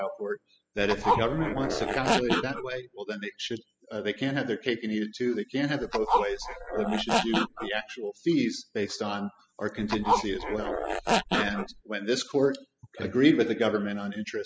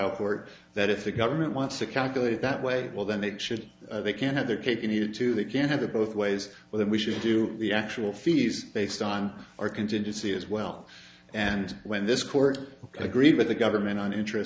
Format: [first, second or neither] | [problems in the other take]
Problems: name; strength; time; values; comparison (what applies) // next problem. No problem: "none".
second | noise reduction (classical method spectral subtraction)